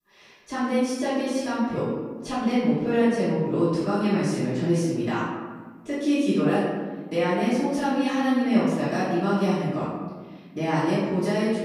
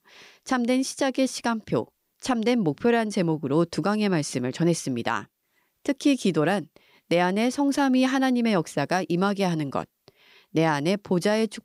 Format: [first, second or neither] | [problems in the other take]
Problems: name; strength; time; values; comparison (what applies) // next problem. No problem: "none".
second | room echo; strong; dies away in 1.4 s // off-mic speech; far